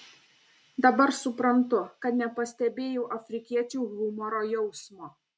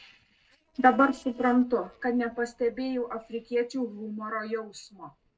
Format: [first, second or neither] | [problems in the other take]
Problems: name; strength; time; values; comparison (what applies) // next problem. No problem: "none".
first | noise reduction (neural separator model SepFormer DNS4)